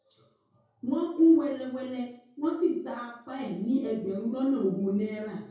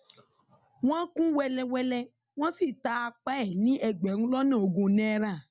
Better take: second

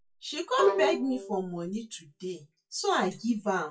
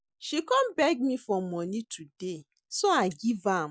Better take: second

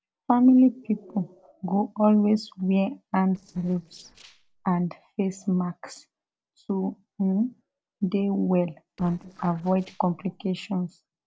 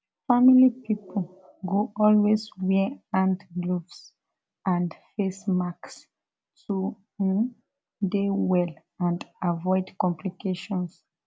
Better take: second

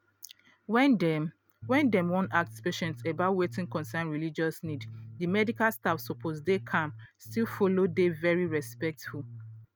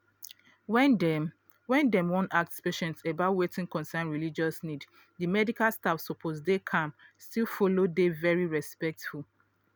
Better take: second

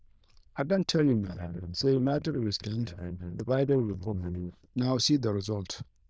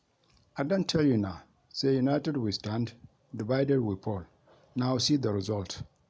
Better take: second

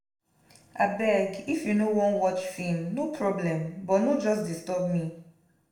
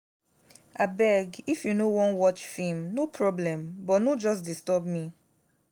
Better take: second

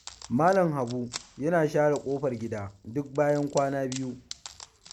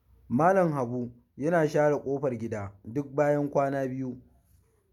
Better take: second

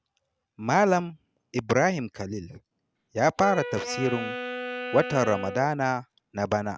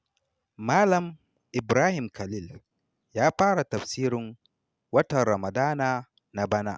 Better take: second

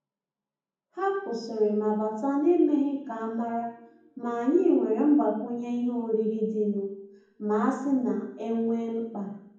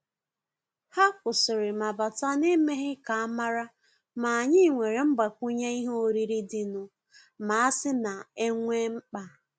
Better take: second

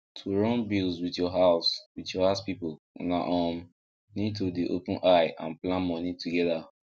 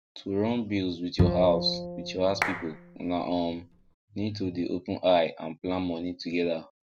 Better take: first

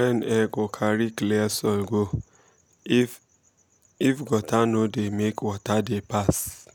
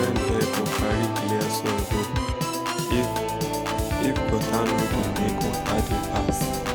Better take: first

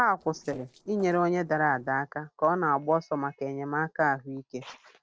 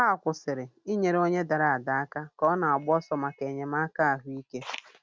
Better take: second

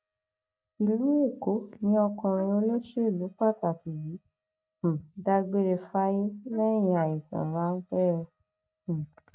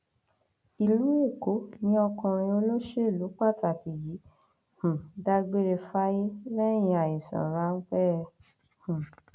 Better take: second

